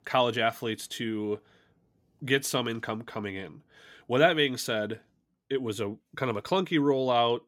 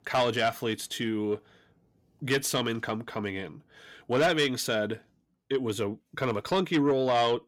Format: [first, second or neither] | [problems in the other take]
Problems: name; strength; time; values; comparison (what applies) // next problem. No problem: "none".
first | distortion; slight; 10 dB below the speech